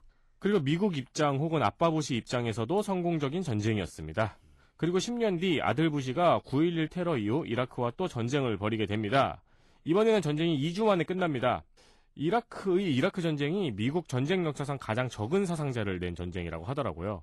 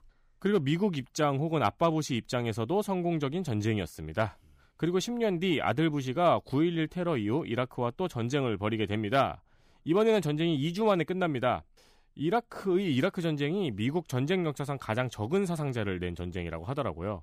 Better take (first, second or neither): second